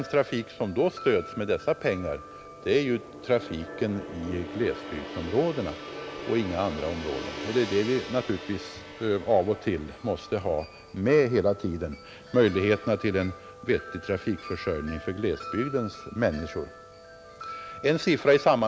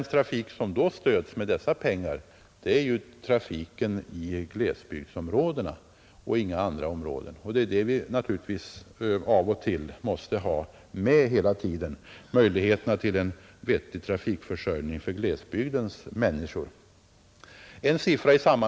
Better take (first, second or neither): second